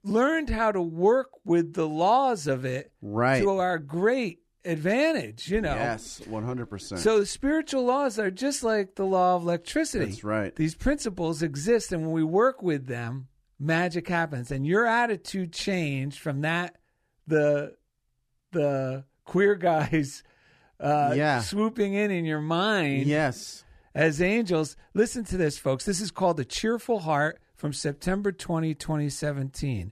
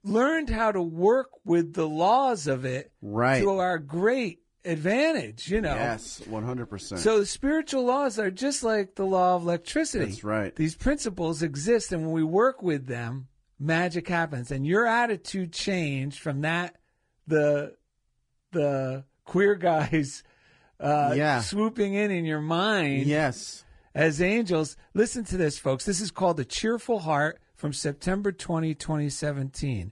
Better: first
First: none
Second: garbled, watery; slightly

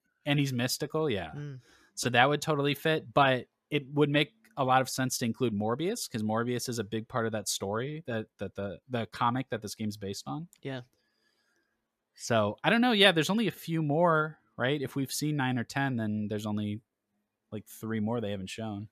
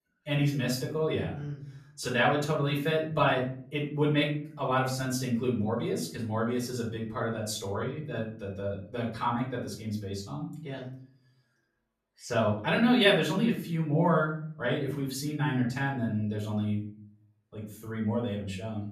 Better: first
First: none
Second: off-mic speech; far // room echo; slight; dies away in 0.6 s

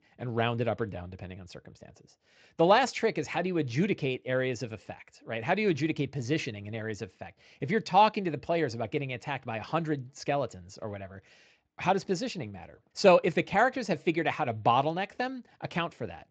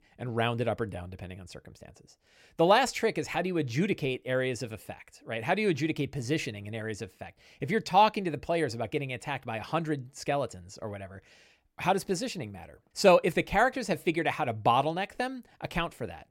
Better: second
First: garbled, watery; slightly; nothing above 7.5 kHz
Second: none

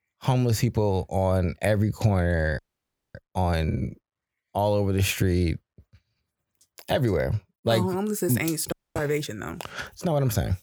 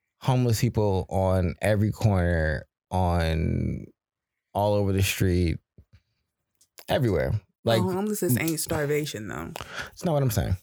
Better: second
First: audio freezing; at 2.5 s for 0.5 s and at 8.5 s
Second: none

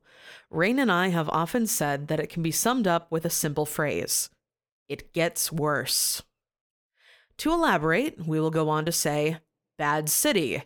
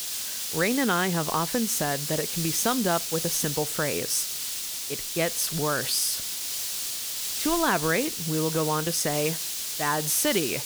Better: first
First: none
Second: hiss; loud; throughout; 2 dB below the speech

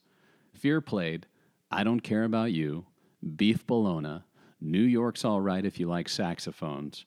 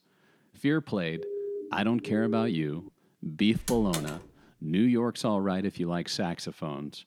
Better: first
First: none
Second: siren; noticeable; from 1 to 3 s; peak 6 dB below the speech // door banging; noticeable; at 3.5 s; peak 6 dB below the speech

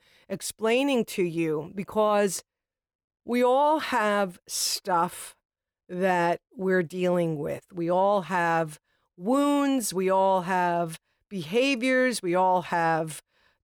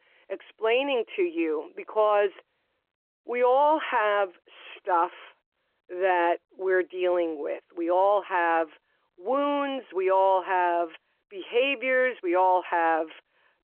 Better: first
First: none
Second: phone-call audio

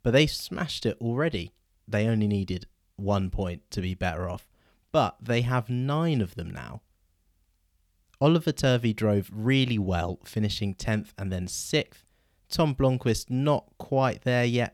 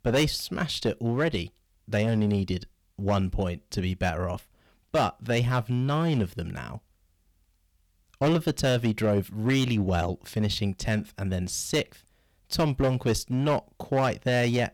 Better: first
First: none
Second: distortion; slight; 8% of the sound clipped

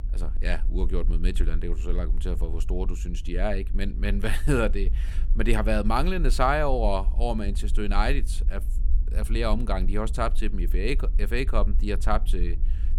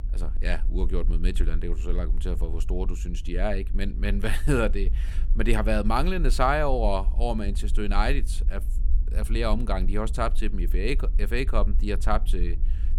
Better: neither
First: low rumble; faint; throughout; 20 dB below the speech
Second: low rumble; faint; throughout; 20 dB below the speech

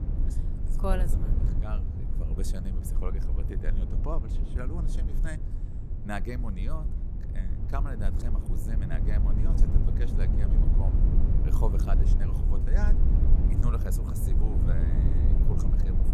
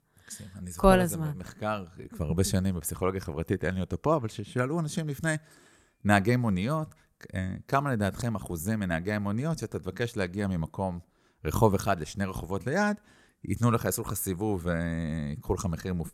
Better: second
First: low rumble; loud; throughout; 2 dB below the speech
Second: none

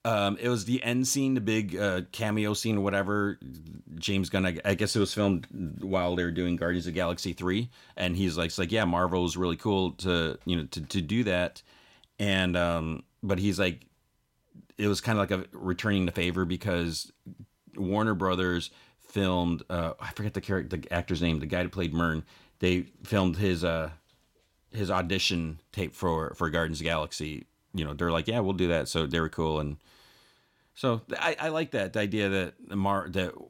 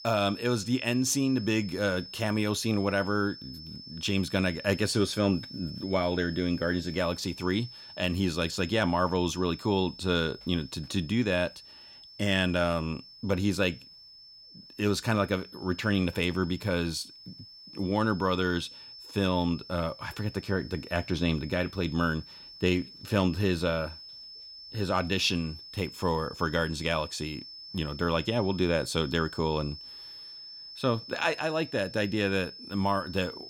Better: first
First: none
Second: high-pitched whine; noticeable; throughout; 5 kHz, 15 dB below the speech

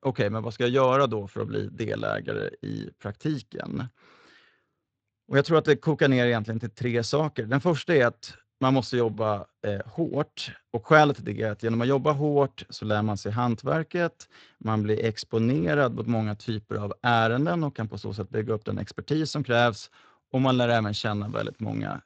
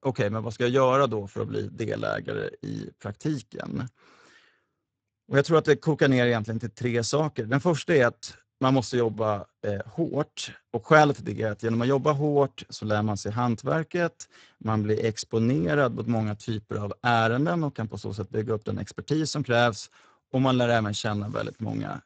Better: first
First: garbled, watery; slightly; nothing above 8 kHz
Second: garbled, watery; badly; nothing above 8 kHz

